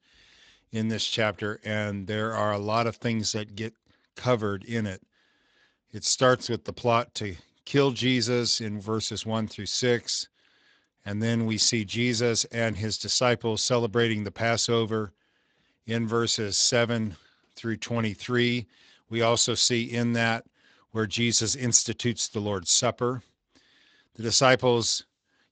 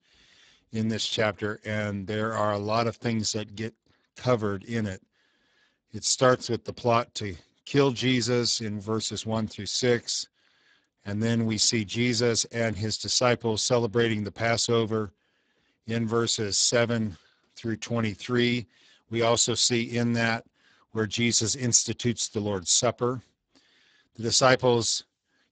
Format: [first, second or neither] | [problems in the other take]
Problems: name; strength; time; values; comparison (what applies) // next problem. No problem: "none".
first | garbled, watery; badly; nothing above 7.5 kHz; slightly in the first